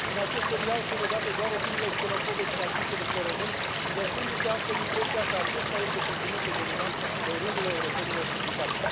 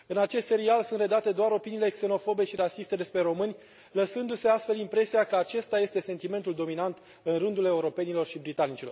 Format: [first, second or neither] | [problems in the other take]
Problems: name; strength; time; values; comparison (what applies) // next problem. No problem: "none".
second | background sound (Stream / Liquid); 4 dB above the speech